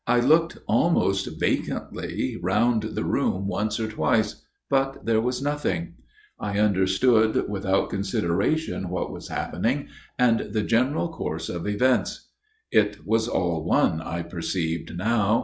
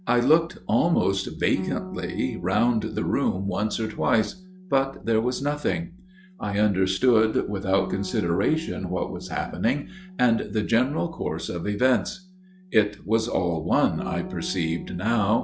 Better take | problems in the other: first | background sound (Bass guitar); 15 dB below the speech

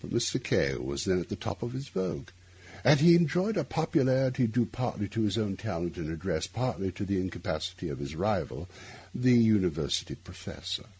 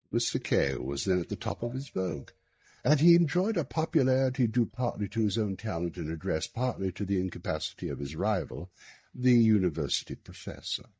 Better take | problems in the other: first | noise reduction (neural mask model DeepFilterNet 3)

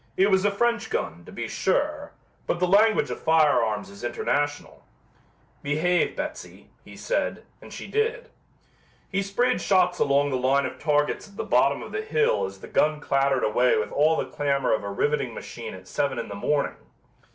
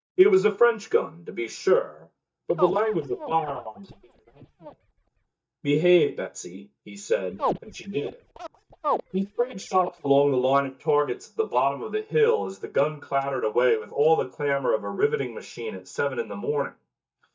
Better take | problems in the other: first | noise reduction (neural mask model DeepFilterNet 3)

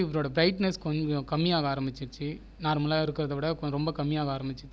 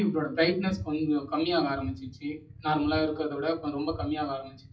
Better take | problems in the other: first | noise reduction (classical method WPE with log-MMSE)

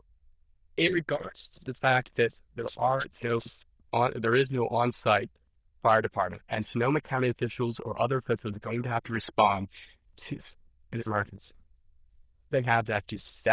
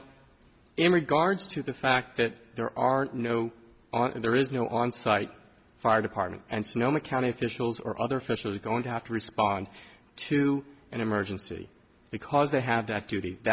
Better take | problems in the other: second | noise reduction (neural diffusion model UNIVERSE++)

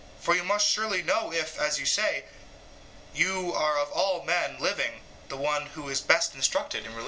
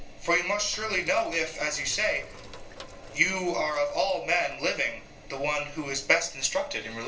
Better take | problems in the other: first | background sound (Sink (filling or washing)); 16 dB below the speech // room echo; dies away in 0.3 s

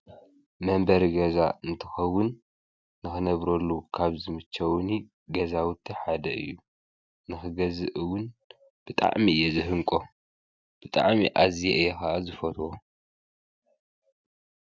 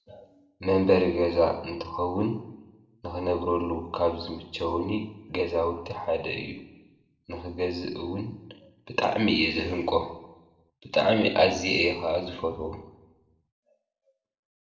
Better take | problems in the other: first | room echo; dies away in 0.7 s

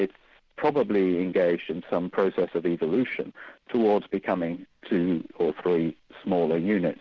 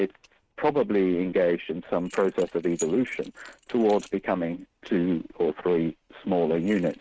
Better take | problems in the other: first | noise reduction (neural mask model RNNoise)

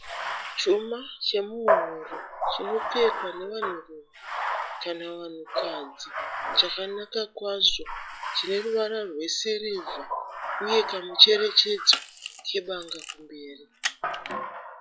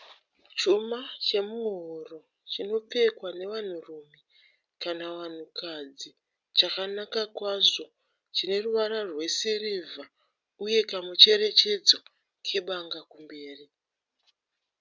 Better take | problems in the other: second | noise reduction (classical method log-MMSE)

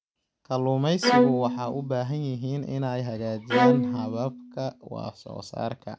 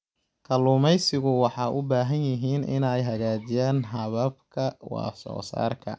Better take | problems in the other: second | background sound (Bowed string instrument); 2 dB above the speech

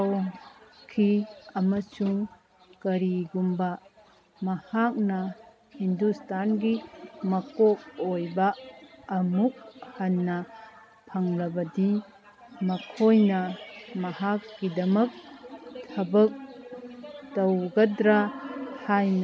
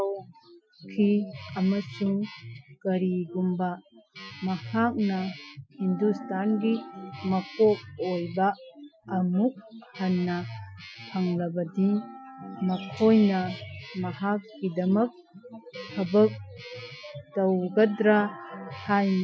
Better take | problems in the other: first | noise reduction (classical method Wiener filter)

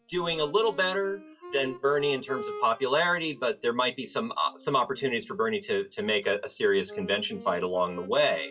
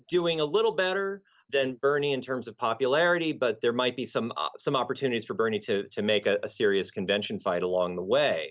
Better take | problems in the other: second | noise reduction (classical method WPE with log-MMSE)

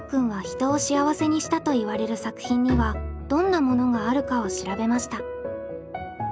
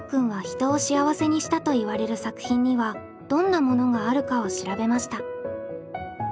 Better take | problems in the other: second | background sound (Bowed string instrument); 13 dB below the speech

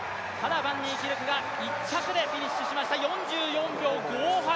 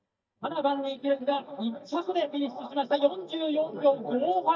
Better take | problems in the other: first | noise reduction (neural mask model DeepFilterNet 3)

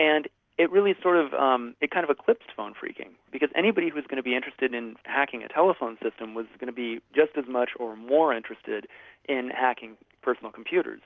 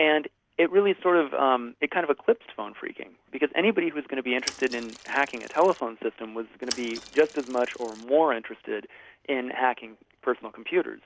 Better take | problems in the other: first | background sound (Mechanisms / Bicycle); 14 dB below the speech

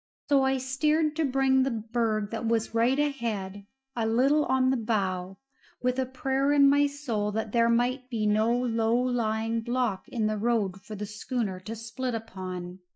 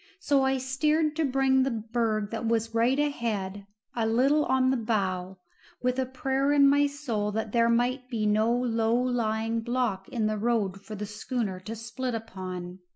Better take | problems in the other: second | noise reduction (neural mask model DeepFilterNet 3)

